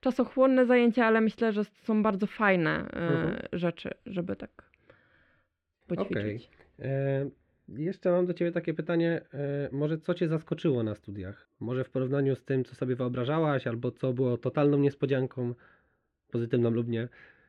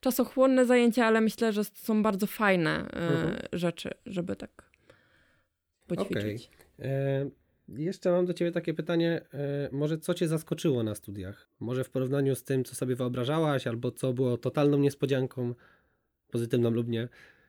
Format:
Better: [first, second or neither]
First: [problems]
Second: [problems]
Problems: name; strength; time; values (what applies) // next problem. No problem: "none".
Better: second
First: muffled; slightly; fading above 2.5 kHz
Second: none